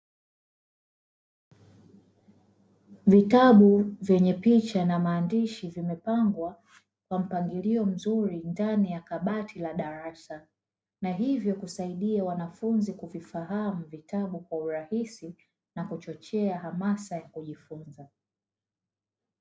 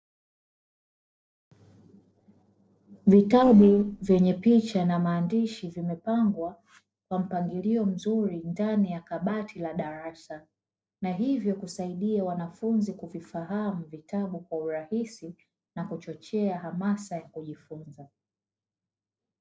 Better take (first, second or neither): first